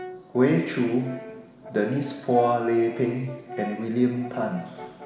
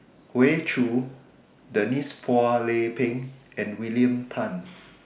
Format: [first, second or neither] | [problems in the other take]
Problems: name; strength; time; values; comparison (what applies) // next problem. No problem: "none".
second | background sound (Brass instrument); 16 dB below the speech // room echo; dies away in 1.6 s